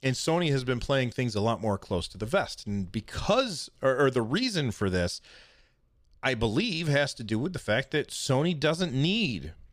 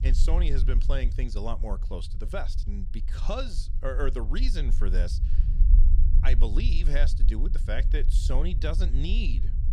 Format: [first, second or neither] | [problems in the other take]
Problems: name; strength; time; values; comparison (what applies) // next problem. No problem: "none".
first | low rumble; noticeable; throughout; 10 dB below the speech